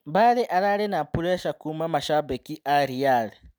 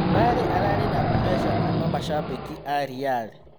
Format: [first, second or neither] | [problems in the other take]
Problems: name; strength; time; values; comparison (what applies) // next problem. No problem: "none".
first | background sound (Wild animals); 3 dB above the speech